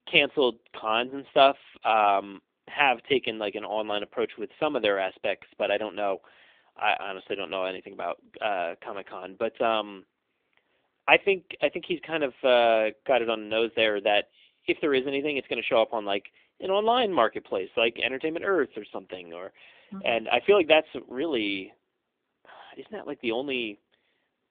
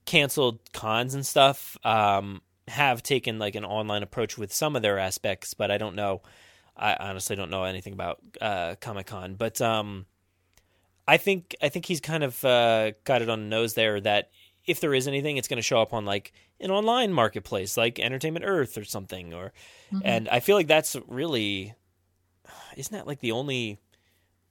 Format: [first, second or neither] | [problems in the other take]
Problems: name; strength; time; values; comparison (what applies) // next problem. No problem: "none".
second | phone-call audio; nothing above 3.5 kHz